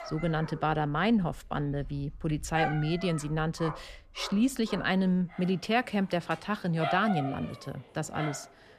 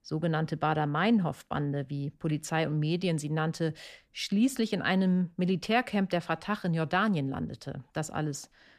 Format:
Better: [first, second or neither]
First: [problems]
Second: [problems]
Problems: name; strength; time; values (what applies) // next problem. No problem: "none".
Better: second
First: animal sounds; loud; throughout; 9 dB below the speech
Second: none